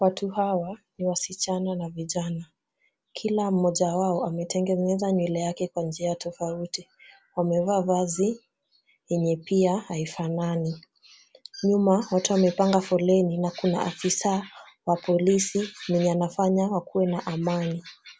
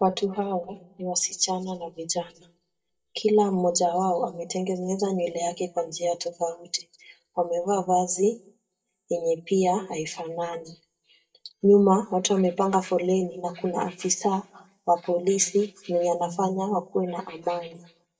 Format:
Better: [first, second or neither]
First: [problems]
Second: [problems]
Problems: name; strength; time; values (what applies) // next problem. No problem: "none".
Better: first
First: none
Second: noise reduction (neural mask model DeepFilterNet 3)